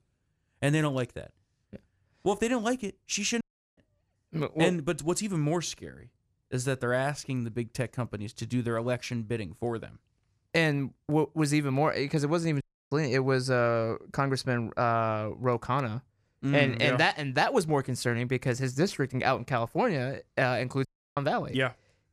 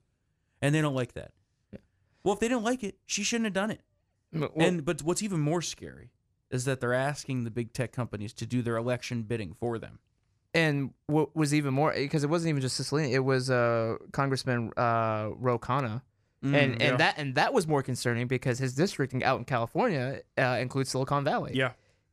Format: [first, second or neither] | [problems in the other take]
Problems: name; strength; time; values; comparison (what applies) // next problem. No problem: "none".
second | audio cutting out; at 3.5 s, at 13 s and at 21 s